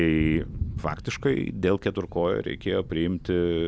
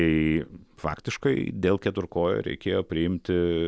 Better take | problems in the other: second | background sound (Thunder); 11 dB below the speech

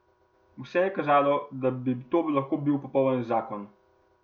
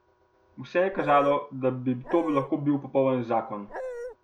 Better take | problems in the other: first | background sound (Dog); 9 dB below the speech

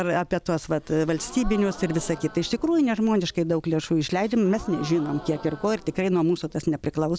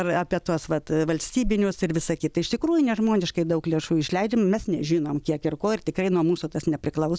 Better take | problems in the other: second | background sound (Gasp); 19 dB below the speech

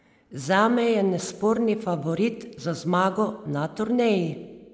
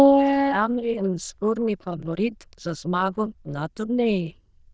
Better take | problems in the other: first | noise reduction (neural diffusion model UNIVERSE++)

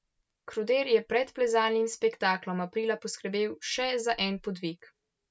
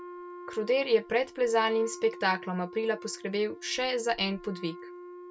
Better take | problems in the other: first | background sound (Wind instrument, woodwind instrument); 15 dB below the speech

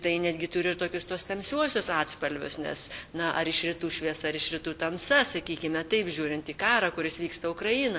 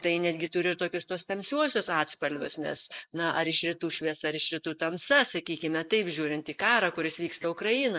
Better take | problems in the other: first | noise reduction (neural mask model Resemble Enhance denoiser)

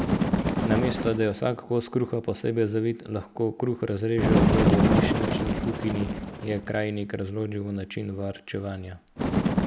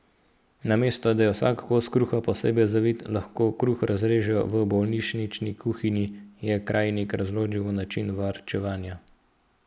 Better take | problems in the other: second | background sound (Bird); 1 dB above the speech

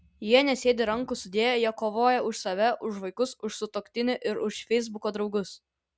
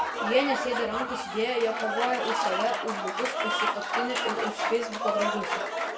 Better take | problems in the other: first | background sound (Applause / Crowd); 1 dB above the speech // room echo; dies away in 0.8 s

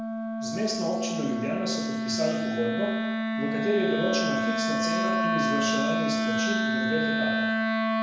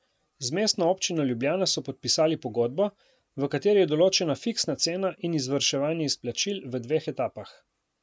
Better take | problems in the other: second | background sound (Wind instrument, woodwind instrument); 4 dB above the speech // room echo; dies away in 0.9 s

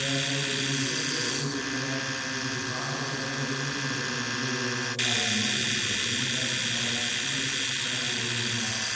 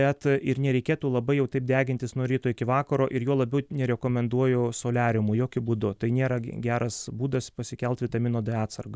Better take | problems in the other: second | background sound (Domestic sounds, home sounds); 4 dB above the speech // room echo; dies away in 2.1 s

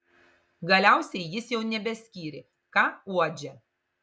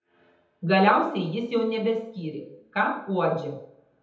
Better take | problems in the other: first | room echo; dies away in 0.7 s

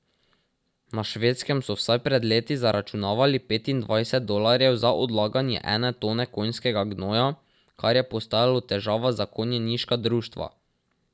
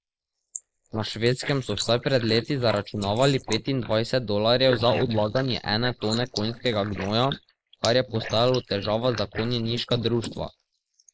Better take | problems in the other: first | noise reduction (neural mask model Resemble Enhance denoiser)

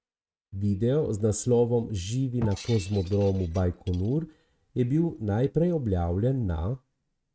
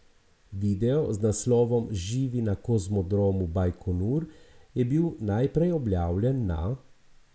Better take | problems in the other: second | noise reduction (neural mask model RNNoise)

